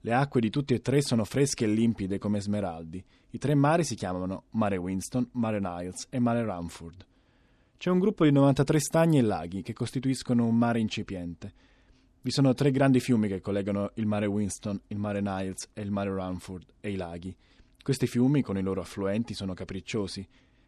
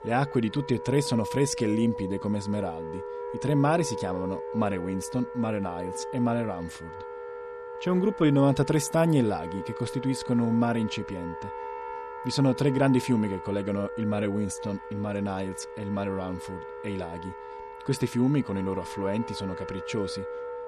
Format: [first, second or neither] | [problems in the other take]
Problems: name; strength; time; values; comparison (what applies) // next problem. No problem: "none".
first | background music; loud; throughout; 10 dB below the speech